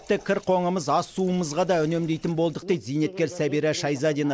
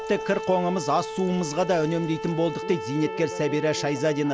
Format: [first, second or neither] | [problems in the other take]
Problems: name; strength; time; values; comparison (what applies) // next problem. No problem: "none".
first | background sound (Bowed string instrument); 9 dB below the speech